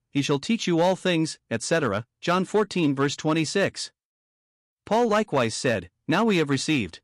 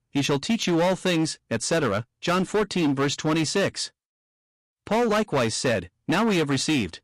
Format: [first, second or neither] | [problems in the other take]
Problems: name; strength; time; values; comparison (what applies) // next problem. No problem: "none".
first | distortion; slight; 15% of the sound clipped